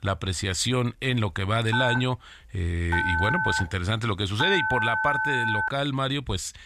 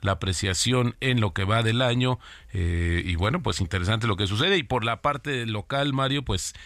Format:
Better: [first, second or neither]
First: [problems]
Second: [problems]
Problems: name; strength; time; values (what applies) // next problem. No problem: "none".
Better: second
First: phone ringing; loud; from 1.5 to 5.5 s; peak 2 dB above the speech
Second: none